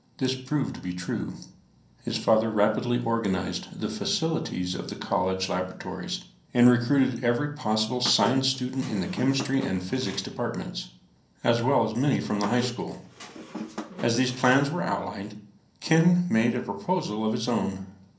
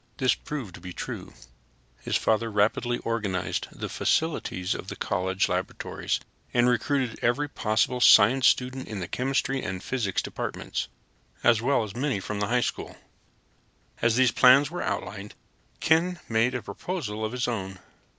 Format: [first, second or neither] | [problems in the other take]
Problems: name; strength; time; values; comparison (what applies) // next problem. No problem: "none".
second | background sound (Squeak); 13 dB below the speech // room echo; dies away in 0.6 s